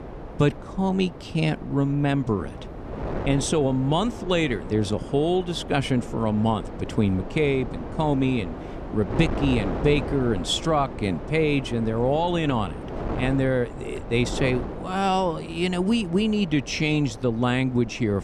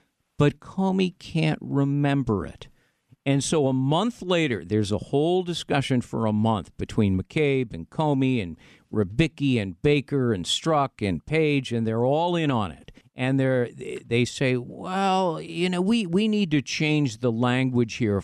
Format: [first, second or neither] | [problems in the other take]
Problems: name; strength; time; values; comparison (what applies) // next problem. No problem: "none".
second | wind noise on the microphone; occasional gusts; 10 dB below the speech